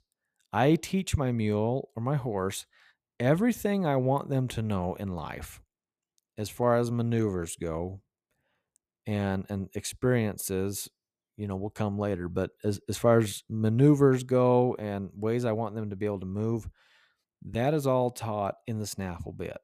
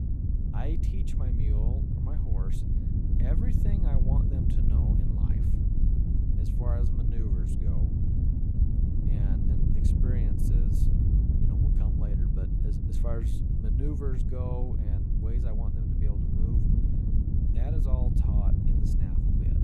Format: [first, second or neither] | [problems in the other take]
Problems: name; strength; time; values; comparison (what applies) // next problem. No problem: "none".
first | wind noise on the microphone; heavy; 4 dB above the speech